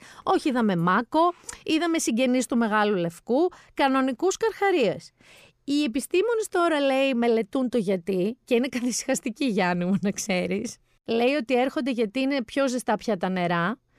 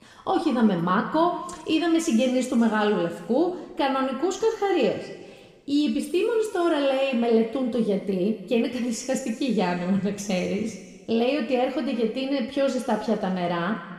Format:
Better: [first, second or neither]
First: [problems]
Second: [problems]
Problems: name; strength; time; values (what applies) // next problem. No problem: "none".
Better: first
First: none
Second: room echo; noticeable; dies away in 1.7 s // off-mic speech; somewhat distant